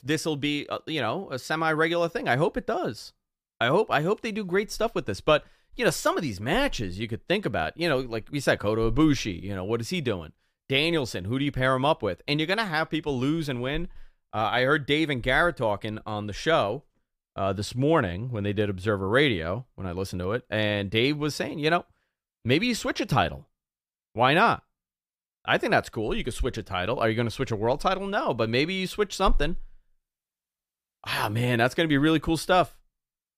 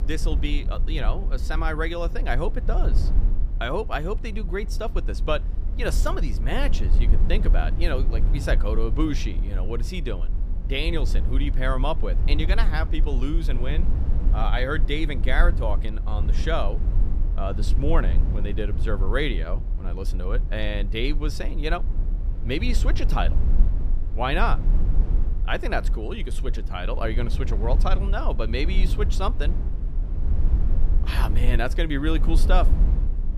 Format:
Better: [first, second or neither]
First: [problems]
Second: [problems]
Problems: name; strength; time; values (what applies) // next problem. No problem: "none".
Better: first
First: none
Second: low rumble; noticeable; throughout; 15 dB below the speech